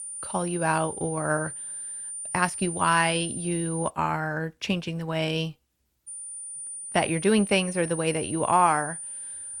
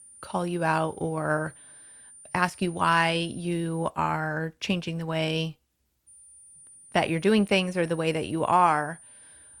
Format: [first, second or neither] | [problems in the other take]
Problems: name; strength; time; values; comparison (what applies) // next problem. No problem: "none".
second | high-pitched whine; loud; until 4 s and from 6 s on; 9 kHz, 8 dB below the speech; faint in the second